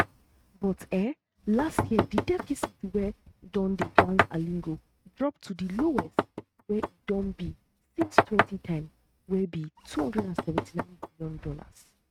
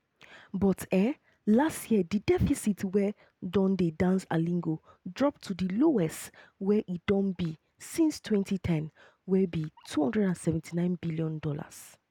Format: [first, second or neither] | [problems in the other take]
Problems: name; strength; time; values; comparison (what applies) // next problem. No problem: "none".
second | noise reduction (neural mask model RNNoise)